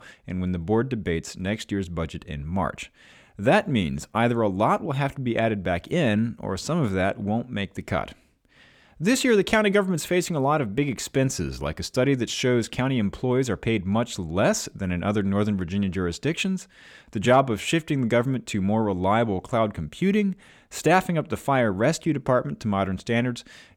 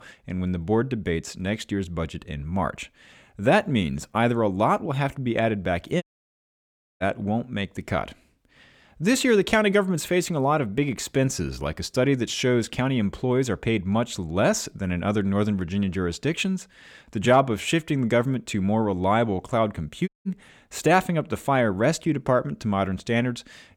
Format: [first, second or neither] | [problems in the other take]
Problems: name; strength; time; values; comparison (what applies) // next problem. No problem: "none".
first | audio cutting out; at 6 s for 1 s and at 20 s